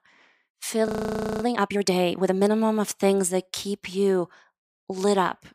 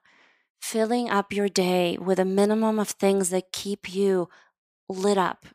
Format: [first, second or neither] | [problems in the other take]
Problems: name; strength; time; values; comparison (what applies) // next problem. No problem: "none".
second | audio freezing; at 1 s for 0.5 s